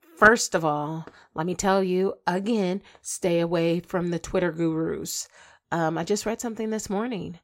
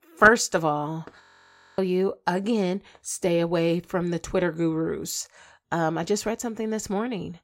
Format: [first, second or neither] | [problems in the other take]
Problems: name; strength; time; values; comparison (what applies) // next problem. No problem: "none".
first | audio freezing; at 1 s for 0.5 s